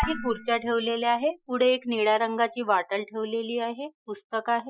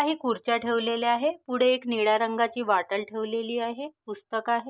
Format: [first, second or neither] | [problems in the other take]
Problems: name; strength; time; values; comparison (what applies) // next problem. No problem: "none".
second | noise reduction (classical method Wiener filter)